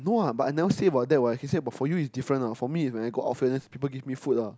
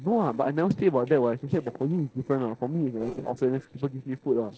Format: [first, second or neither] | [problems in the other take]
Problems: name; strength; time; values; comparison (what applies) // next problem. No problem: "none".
first | noise reduction (neural separator model SepFormer DNS4)